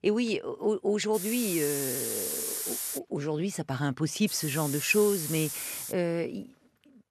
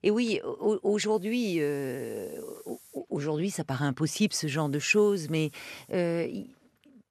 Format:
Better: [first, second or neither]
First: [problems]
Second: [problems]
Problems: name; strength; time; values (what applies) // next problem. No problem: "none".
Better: second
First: hiss; loud; from 1 to 3 s and from 4.5 to 6 s; 3 dB below the speech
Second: hiss; faint; from 1 to 3 s and from 4.5 to 6 s; 25 dB below the speech